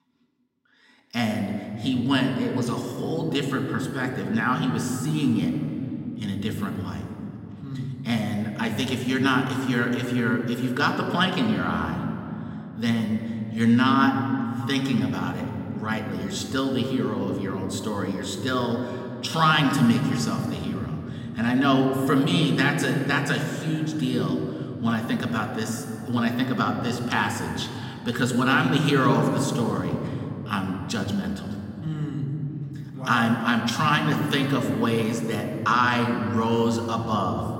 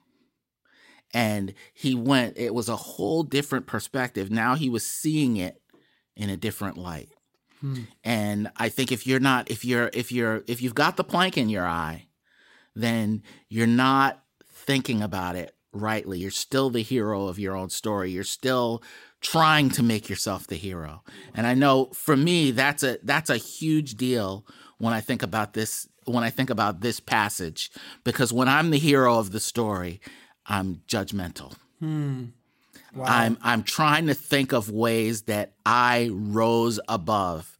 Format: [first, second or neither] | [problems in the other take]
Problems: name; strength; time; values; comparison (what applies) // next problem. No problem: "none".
second | room echo; noticeable; dies away in 3 s